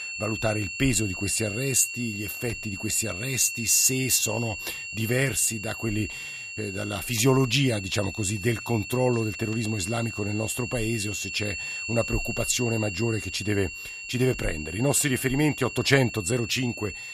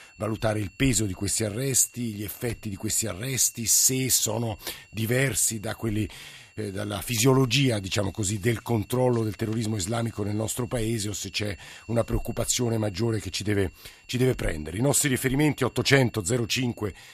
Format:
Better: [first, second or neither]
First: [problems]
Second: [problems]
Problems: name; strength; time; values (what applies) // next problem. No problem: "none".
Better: second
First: high-pitched whine; loud; throughout; 2.5 kHz, 7 dB below the speech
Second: high-pitched whine; faint; throughout; 2.5 kHz, 30 dB below the speech